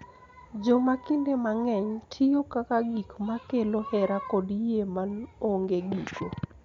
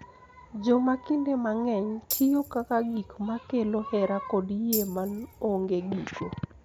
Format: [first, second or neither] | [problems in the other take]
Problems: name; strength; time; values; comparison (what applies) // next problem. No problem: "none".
first | background sound (Tambourine); 11 dB below the speech